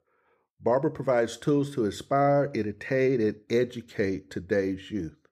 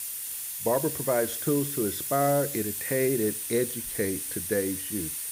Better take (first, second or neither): first